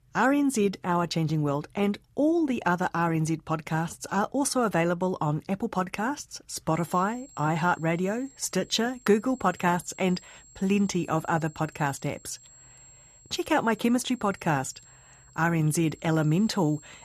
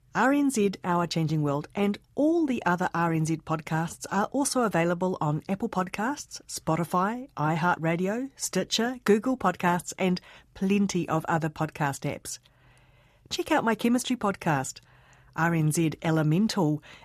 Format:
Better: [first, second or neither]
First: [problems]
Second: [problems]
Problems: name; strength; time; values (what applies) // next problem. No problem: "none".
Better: second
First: high-pitched whine; faint; from 6.5 s on; 7.5 kHz, 25 dB below the speech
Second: none